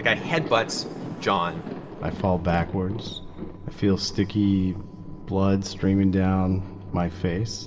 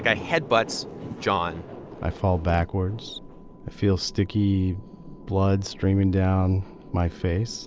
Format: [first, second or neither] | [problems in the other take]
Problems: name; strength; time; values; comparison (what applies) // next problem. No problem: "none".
second | background sound (Thunder); 16 dB below the speech // room echo; dies away in 2.7 s